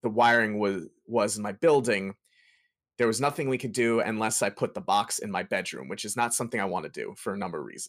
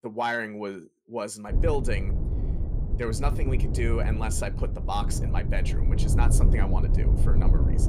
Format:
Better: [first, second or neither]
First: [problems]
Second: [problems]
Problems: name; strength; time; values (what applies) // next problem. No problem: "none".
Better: first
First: none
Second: low rumble; loud; from 1.5 s on; 7 dB below the speech